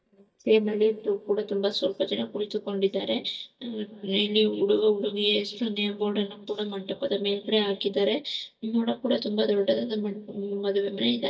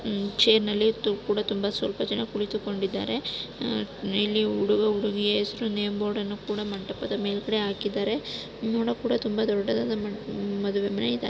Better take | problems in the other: second | noise reduction (neural mask model DeepFilterNet 3)

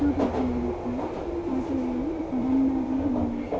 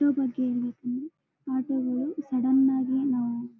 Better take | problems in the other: second | background sound (Subway, metro, underground); 2 dB below the speech

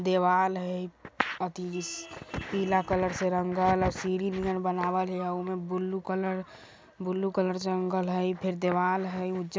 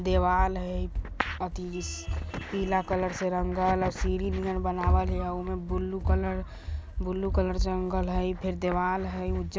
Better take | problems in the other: first | background sound (Run); 2 dB below the speech

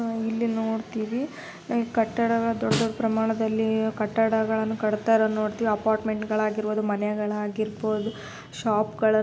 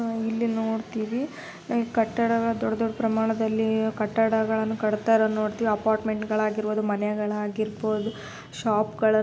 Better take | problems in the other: second | background sound (Snare drum); 8 dB below the speech

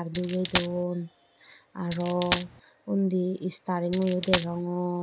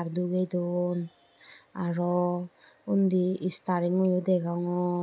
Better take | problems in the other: second | background sound (Coin (dropping)); 4 dB below the speech

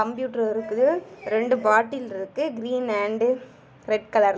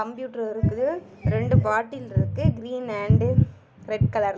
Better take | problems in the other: first | background sound (Bass guitar); 5 dB above the speech

